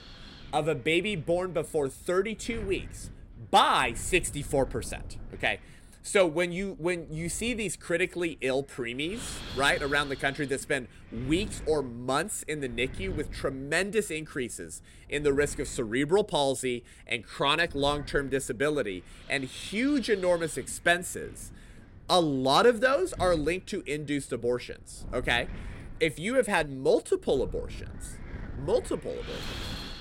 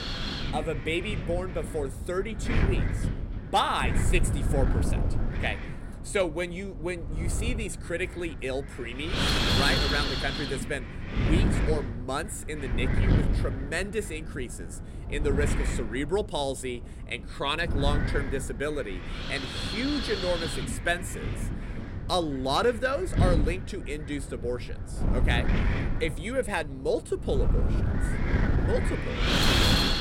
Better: first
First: wind noise on the microphone; occasional gusts; 20 dB below the speech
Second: wind noise on the microphone; heavy; 1 dB below the speech

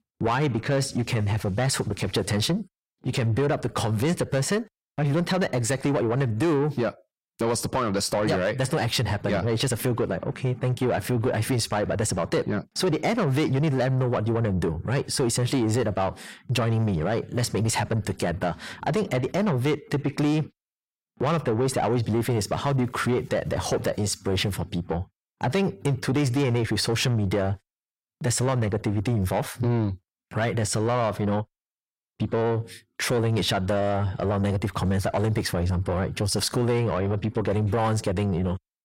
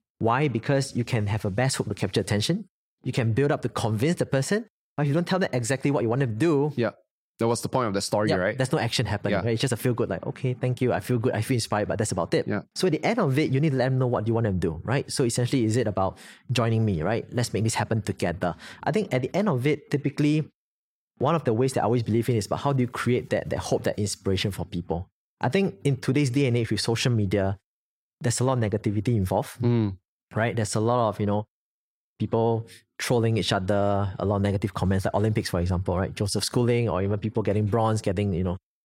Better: second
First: distortion; slight; 10 dB below the speech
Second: none

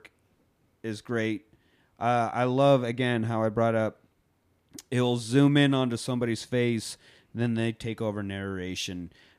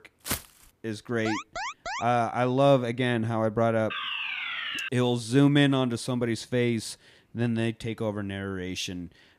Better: first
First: none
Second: footsteps; noticeable; at 0.5 s; peak 6 dB below the speech // alarm; noticeable; at 1.5 s and at 4 s; peak 3 dB below the speech

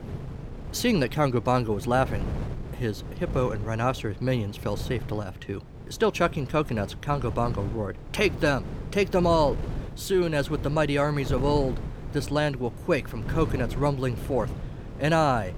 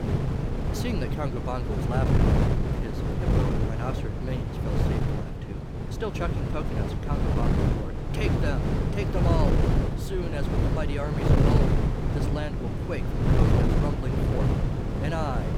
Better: first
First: wind noise on the microphone; occasional gusts; 15 dB below the speech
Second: wind noise on the microphone; heavy; 2 dB above the speech

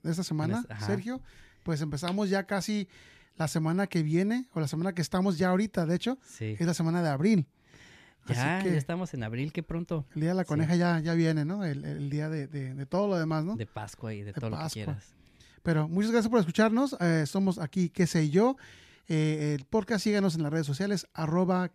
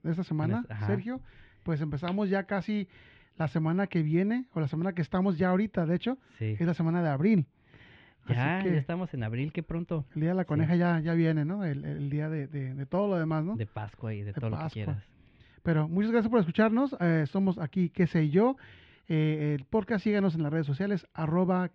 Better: first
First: none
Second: muffled; very; fading above 3 kHz

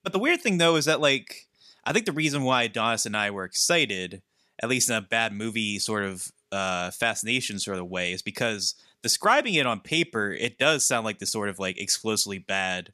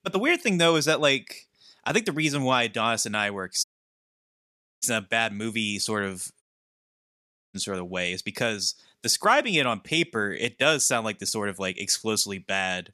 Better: first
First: none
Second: audio cutting out; at 3.5 s for 1 s and at 6.5 s for 1 s

